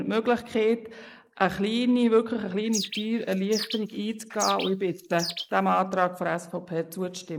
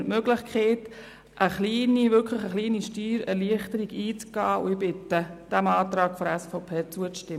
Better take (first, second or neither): second